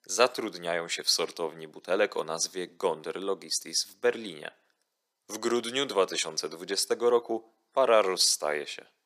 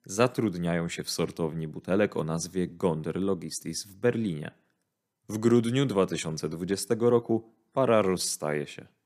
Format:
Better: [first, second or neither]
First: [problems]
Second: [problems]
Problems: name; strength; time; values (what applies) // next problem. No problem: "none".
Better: second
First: thin; very; fading below 600 Hz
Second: none